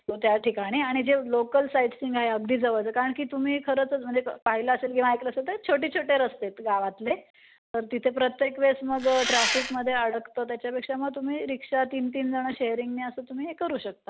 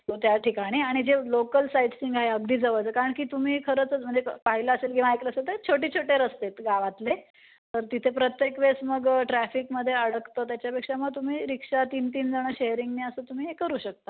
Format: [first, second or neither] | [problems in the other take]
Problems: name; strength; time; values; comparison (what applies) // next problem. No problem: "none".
second | background sound (Engine); 3 dB below the speech